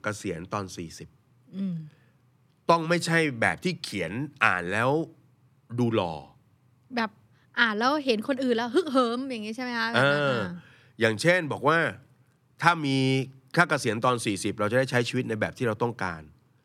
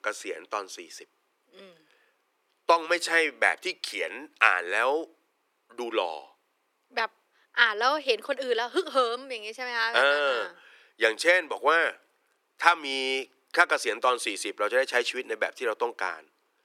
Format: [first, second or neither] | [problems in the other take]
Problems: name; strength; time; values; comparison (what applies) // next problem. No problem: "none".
first | thin; very; fading below 400 Hz